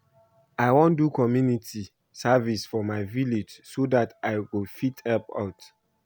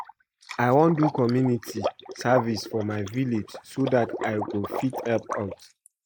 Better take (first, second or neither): first